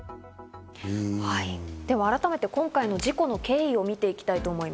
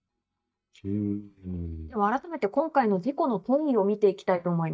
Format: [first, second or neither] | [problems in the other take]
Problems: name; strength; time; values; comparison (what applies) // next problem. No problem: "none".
first | noise reduction (neural mask model DeepFilterNet 3)